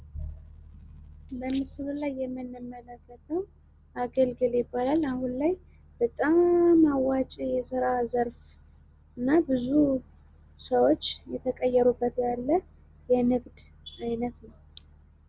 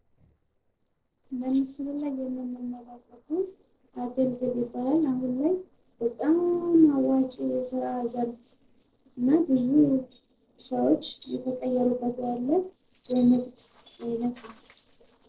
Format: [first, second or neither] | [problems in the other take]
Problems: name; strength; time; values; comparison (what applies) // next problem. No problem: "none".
first | noise reduction (neural separator model SepFormer DNS4)